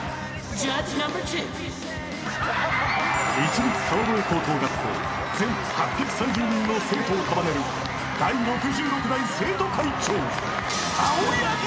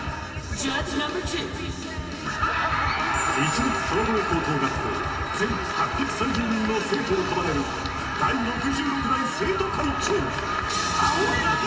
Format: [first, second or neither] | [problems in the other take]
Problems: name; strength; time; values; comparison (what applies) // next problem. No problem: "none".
first | room echo; dies away in 1 s